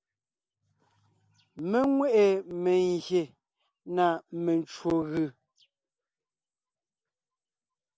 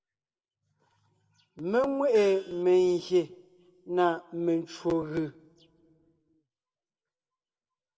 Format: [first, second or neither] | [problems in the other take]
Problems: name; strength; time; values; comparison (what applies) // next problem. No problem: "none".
first | background sound (Gong); 18 dB below the speech // room echo; dies away in 1 s